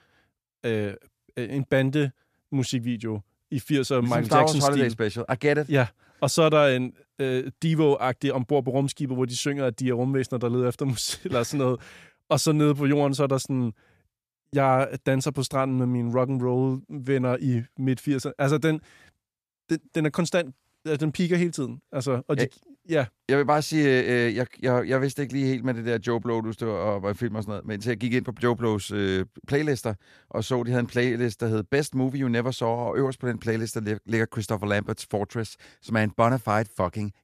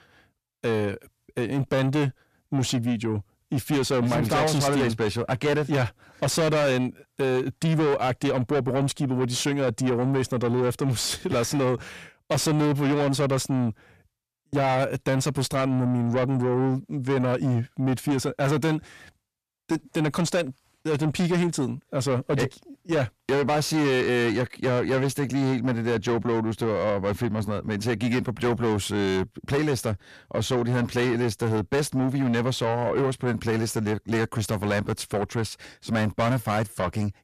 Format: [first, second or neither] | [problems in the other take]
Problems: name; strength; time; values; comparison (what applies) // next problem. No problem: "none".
first | distortion; heavy; 8 dB below the speech